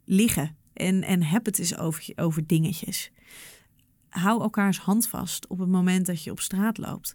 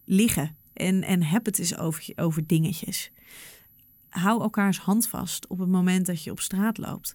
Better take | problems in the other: first | high-pitched whine; faint; throughout; 12 kHz, 30 dB below the speech

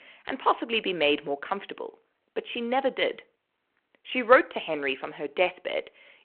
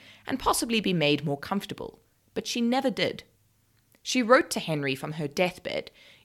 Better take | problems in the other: second | phone-call audio

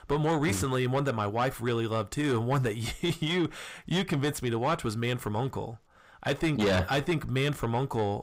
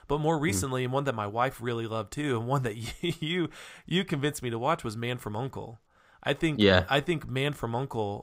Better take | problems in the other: second | distortion; heavy; 7 dB below the speech

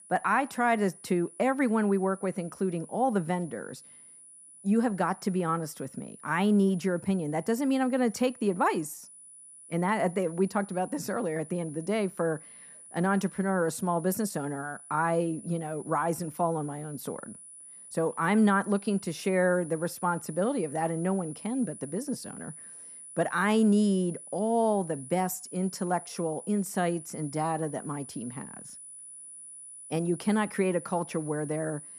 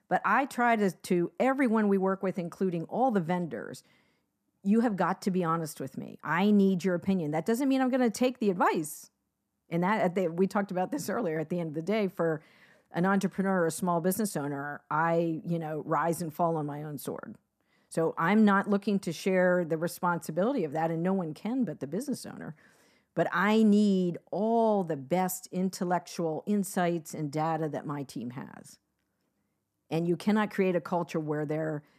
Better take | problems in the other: second | high-pitched whine; noticeable; throughout; 10 kHz, 15 dB below the speech

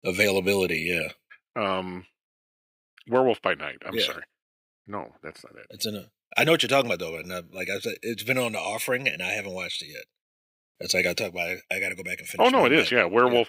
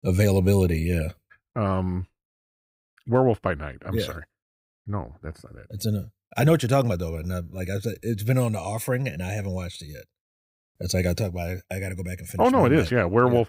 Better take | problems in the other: second | thin; somewhat; fading below 300 Hz

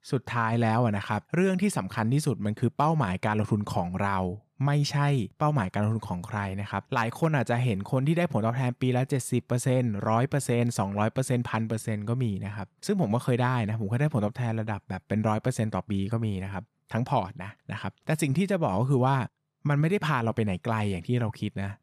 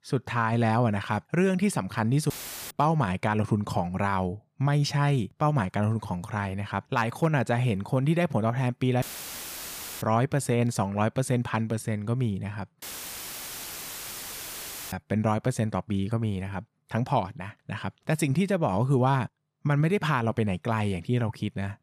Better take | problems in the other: first | audio cutting out; filled with static; at 2.5 s, at 9 s for 1 s and at 13 s for 2 s

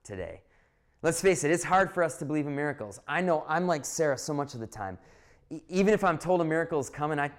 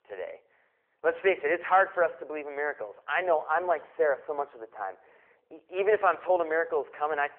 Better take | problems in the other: first | phone-call audio

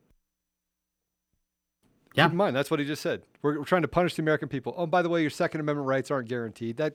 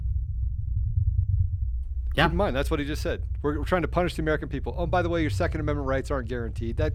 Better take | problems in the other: first | low rumble; faint; throughout; 20 dB below the speech

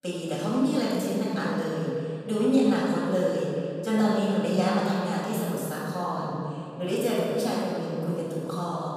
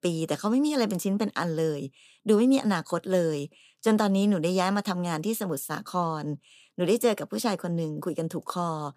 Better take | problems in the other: second | room echo; strong; dies away in 2.9 s // off-mic speech; far

